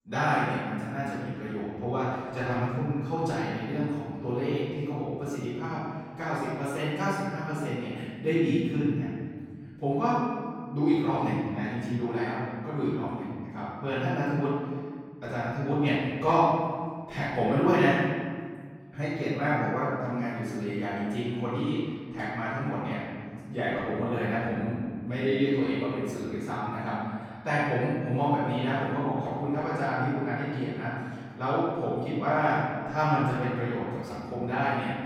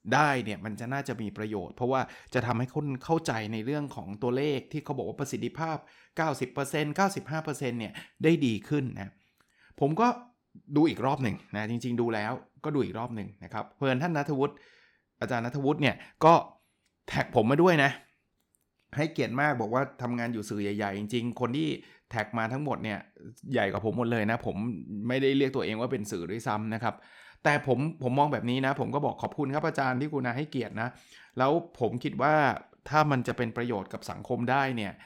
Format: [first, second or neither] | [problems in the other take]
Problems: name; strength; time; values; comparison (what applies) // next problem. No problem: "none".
second | off-mic speech; far // room echo; strong; dies away in 1.9 s